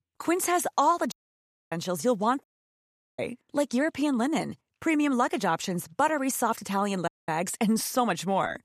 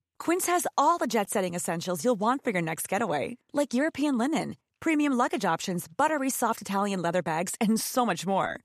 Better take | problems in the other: second | audio cutting out; at 1 s for 0.5 s, at 2.5 s for 0.5 s and at 7 s

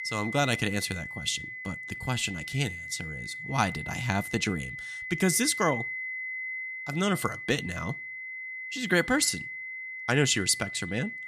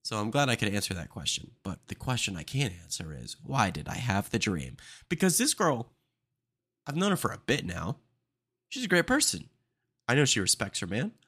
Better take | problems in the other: second | high-pitched whine; loud; throughout; 2 kHz, 7 dB below the speech

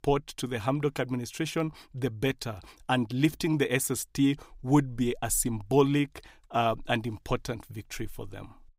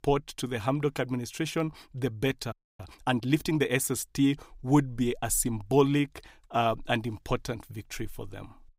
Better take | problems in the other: first | audio freezing; at 2.5 s

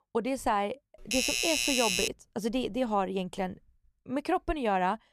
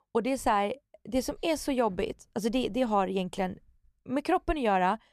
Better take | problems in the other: second | doorbell; loud; from 1 to 2 s; peak 5 dB above the speech

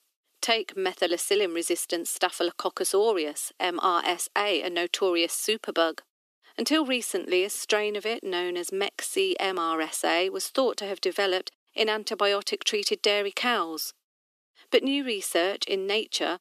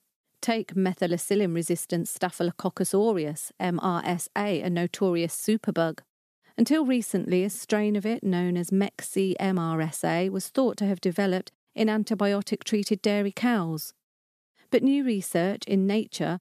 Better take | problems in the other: second | thin; somewhat; fading below 300 Hz

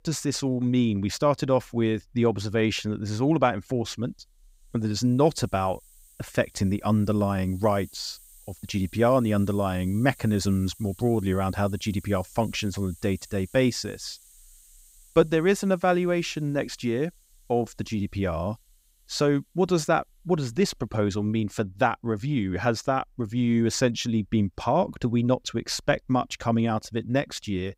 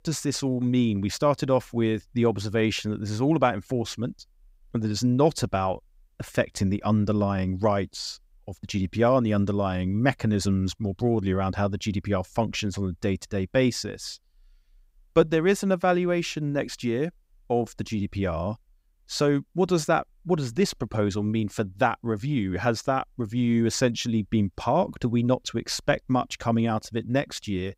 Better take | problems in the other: second | hiss; faint; from 4 to 21 s; 25 dB below the speech

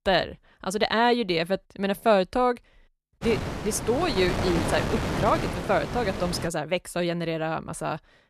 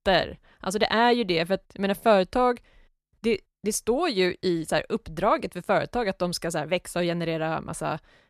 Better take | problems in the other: second | wind noise on the microphone; heavy; from 3 to 6.5 s; 6 dB below the speech

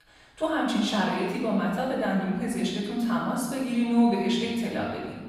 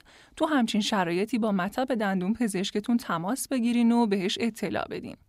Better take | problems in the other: second | off-mic speech; far // room echo; noticeable; dies away in 1.3 s

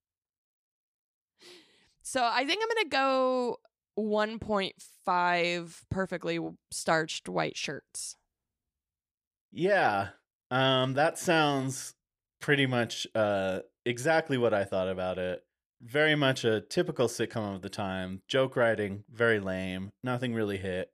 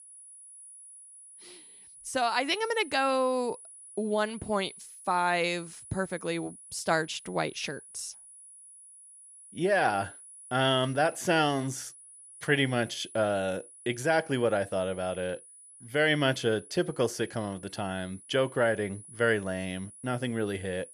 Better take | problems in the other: first | high-pitched whine; noticeable; throughout; 10 kHz, 20 dB below the speech

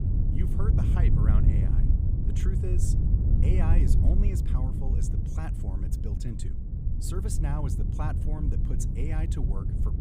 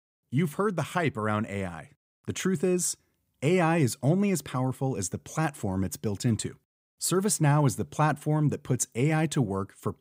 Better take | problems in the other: second | wind noise on the microphone; heavy; as loud as the speech

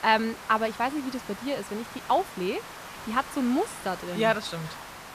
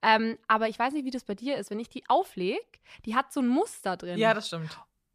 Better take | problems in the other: second | hiss; noticeable; throughout; 10 dB below the speech

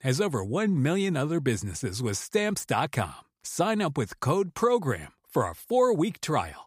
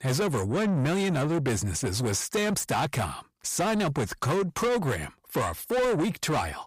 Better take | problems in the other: first | distortion; heavy; 7 dB below the speech

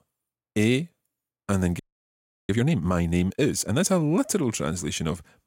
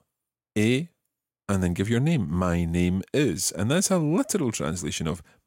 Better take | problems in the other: second | audio freezing; at 2 s for 0.5 s

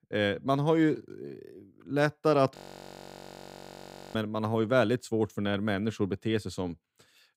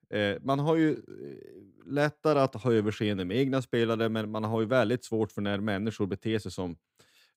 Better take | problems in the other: second | audio freezing; at 2.5 s for 1.5 s

